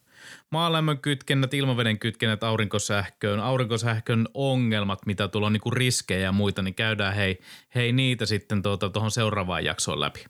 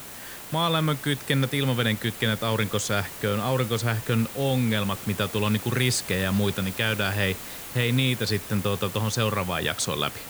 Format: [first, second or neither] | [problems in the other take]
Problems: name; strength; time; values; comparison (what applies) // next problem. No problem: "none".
first | hiss; noticeable; throughout; 10 dB below the speech